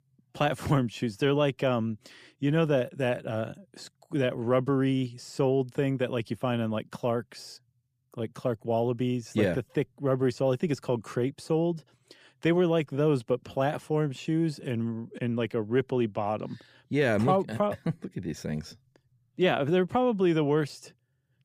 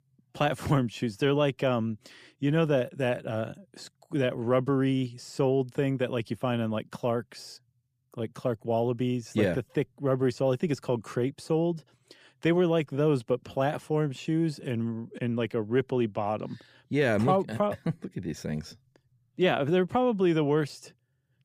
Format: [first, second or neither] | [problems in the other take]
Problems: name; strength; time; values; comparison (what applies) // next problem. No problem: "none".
neither | none